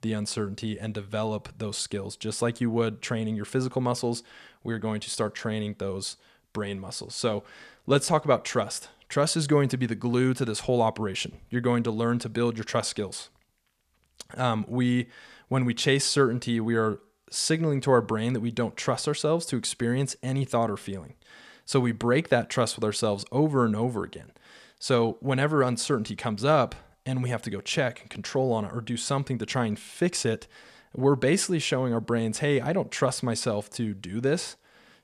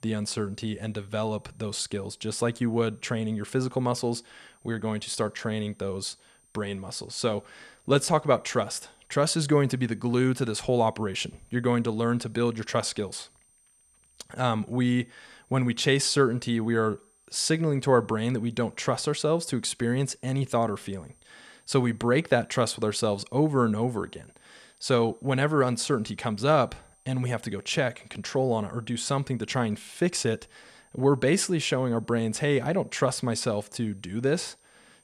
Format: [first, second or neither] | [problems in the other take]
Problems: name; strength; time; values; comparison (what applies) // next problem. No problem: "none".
first | high-pitched whine; faint; throughout; 8.5 kHz, 35 dB below the speech